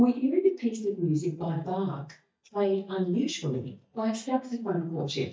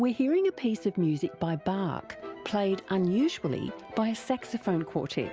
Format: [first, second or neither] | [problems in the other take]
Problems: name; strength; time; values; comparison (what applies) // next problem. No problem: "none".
second | noise reduction (neural mask model DeepFilterNet 3)